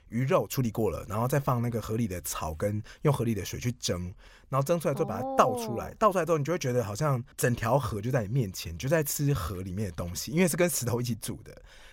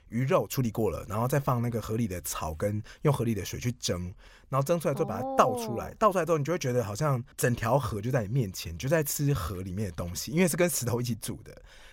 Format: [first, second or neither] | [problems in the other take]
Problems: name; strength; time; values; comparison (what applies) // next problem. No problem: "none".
neither | none